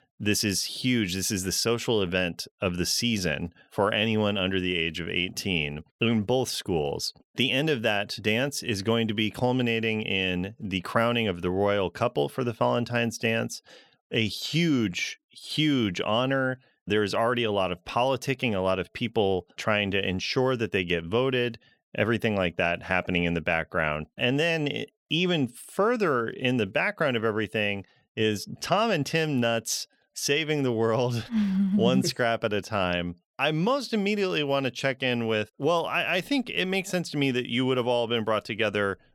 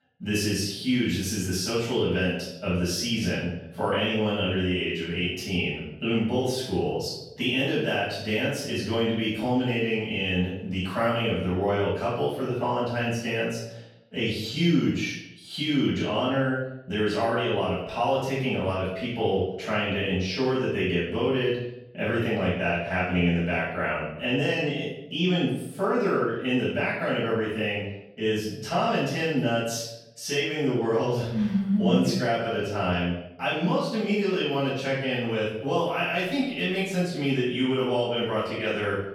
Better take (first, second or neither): first